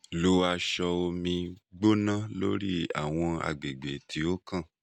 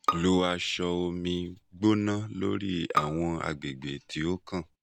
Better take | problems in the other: first | background sound (Bowed string instrument); 7 dB below the speech

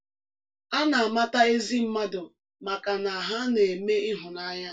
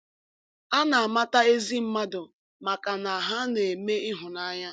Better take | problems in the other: second | room echo; dies away in 0.2 s

